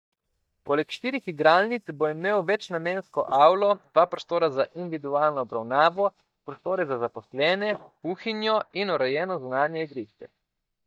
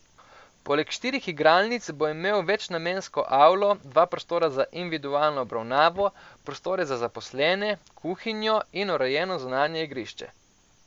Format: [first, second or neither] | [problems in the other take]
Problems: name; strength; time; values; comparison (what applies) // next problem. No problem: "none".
second | noise reduction (neural mask model DeepFilterNet 3)